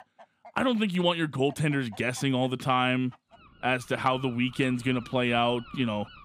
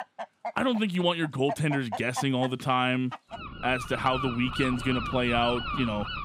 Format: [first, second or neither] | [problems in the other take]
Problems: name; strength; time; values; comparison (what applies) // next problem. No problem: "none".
first | animal sounds; loud; throughout; 8 dB below the speech; faint in the first